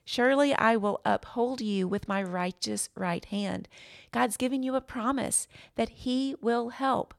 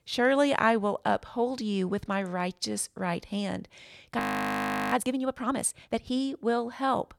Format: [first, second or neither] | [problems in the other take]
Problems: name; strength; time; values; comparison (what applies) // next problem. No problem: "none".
first | audio freezing; at 4 s for 0.5 s